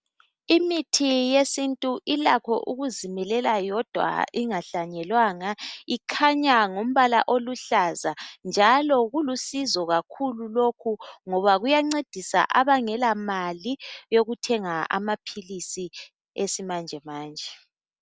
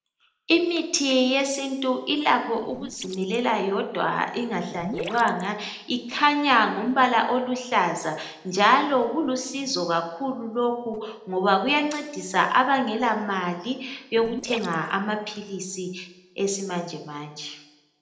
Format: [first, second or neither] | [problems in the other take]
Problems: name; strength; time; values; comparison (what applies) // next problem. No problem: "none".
first | noise reduction (neural separator model SepFormer DNS4)